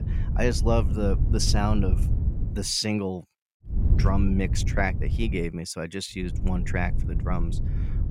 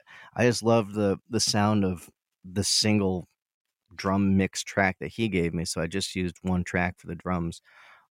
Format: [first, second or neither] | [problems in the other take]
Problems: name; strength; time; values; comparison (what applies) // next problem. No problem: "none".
second | wind noise on the microphone; occasional gusts; until 2.5 s, from 4 to 5.5 s and from 6.5 s on; 10 dB below the speech